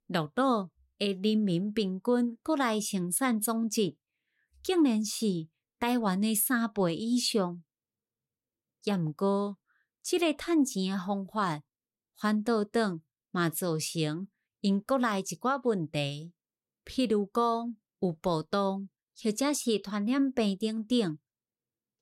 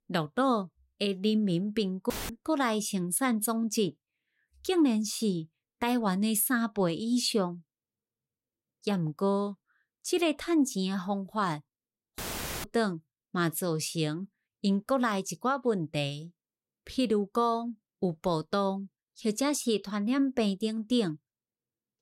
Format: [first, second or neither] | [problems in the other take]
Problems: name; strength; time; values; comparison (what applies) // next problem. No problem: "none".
first | audio cutting out; filled with static; at 2 s and at 12 s